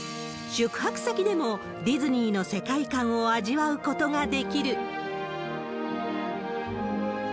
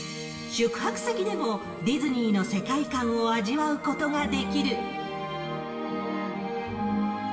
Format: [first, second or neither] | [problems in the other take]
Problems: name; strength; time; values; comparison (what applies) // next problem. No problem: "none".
first | room echo; dies away in 2 s